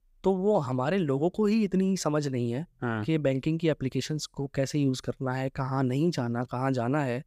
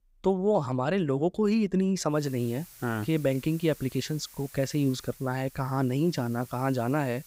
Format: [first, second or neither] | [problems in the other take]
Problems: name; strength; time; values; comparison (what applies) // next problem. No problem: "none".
first | hiss; faint; from 2 s on; 20 dB below the speech